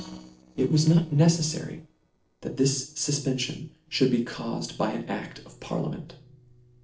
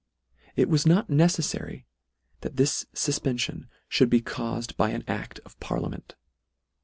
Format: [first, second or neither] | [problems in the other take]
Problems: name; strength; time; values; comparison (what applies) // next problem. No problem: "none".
second | noise reduction (neural separator model SepFormer DNS4)